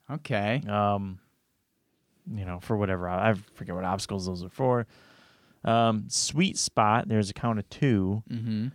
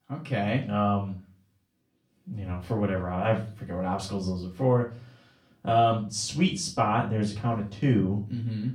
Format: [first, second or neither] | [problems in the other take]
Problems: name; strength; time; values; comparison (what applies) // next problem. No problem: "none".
first | off-mic speech; far // room echo; slight; dies away in 0.4 s